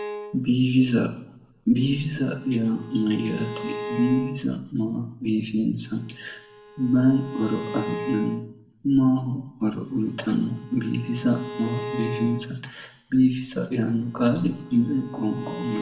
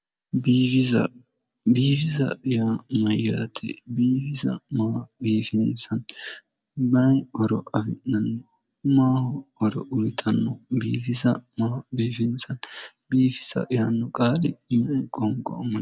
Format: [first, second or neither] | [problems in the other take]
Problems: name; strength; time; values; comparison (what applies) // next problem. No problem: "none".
second | background sound (Bowed string instrument); 13 dB below the speech // room echo; dies away in 0.6 s